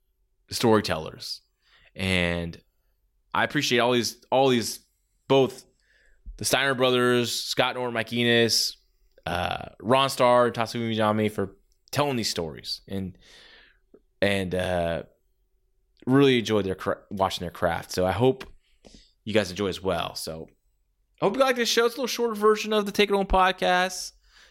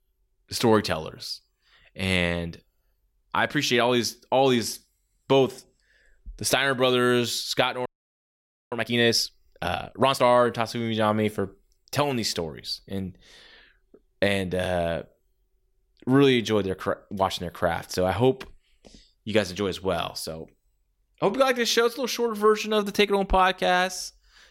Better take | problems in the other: first | audio freezing; at 8 s for 1 s

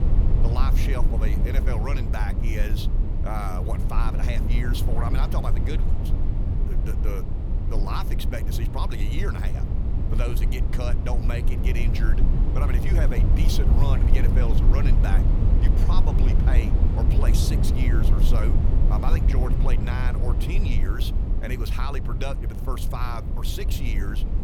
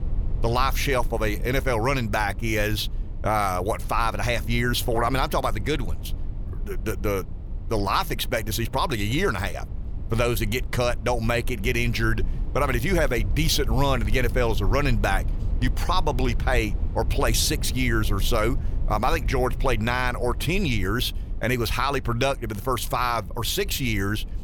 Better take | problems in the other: second | low rumble; loud; throughout; 3 dB below the speech; faint in the second

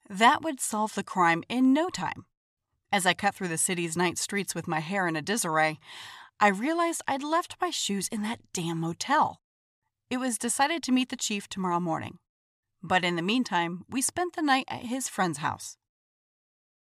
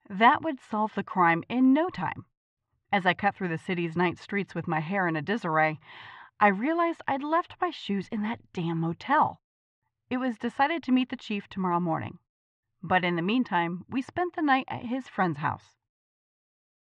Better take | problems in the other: first | muffled; very; fading above 2.5 kHz

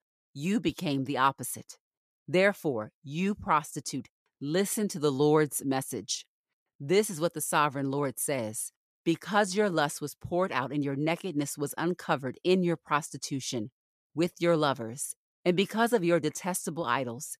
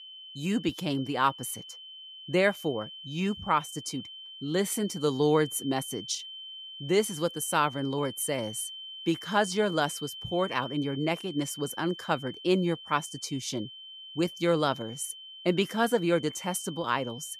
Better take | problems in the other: first | high-pitched whine; noticeable; throughout; 3 kHz, 10 dB below the speech

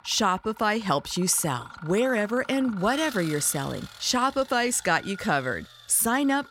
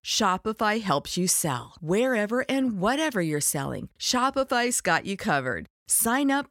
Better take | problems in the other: second | machinery noise; noticeable; throughout; 20 dB below the speech

